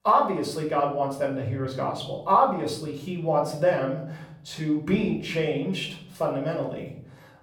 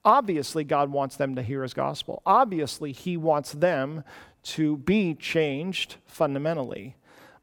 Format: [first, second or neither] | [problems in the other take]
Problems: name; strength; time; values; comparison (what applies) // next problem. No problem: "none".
second | off-mic speech; far // room echo; slight; dies away in 0.8 s